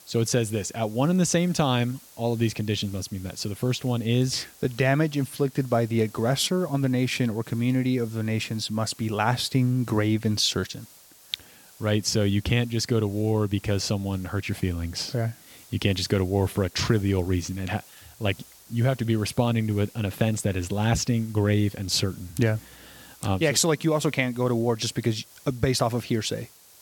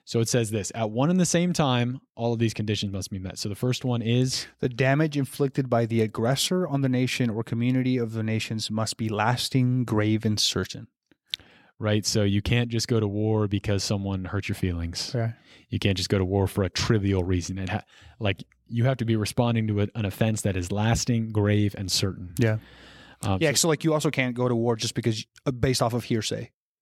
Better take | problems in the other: second | hiss; faint; throughout; 25 dB below the speech

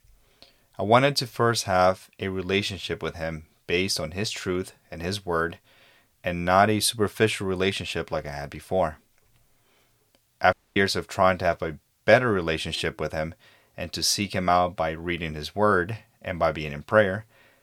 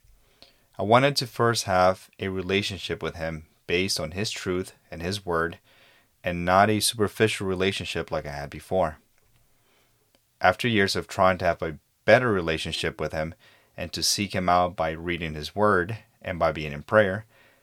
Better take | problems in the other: second | audio cutting out; at 11 s

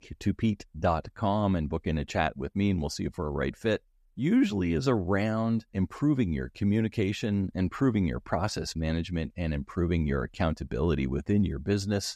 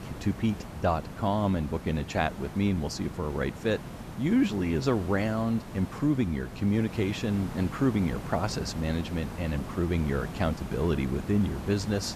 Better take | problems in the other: first | hiss; noticeable; throughout; 10 dB below the speech

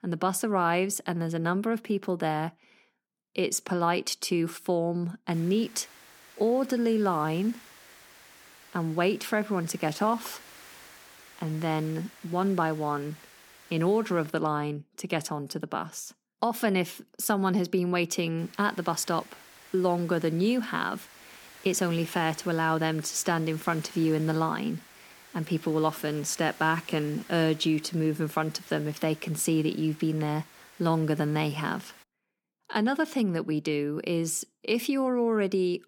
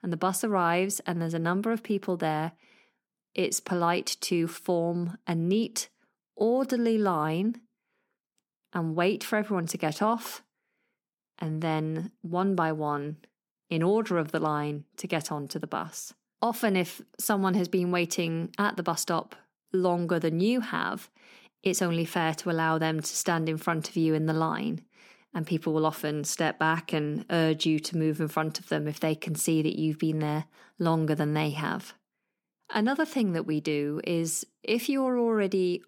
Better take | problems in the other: second | hiss; faint; from 5.5 to 14 s and from 18 to 32 s; 20 dB below the speech

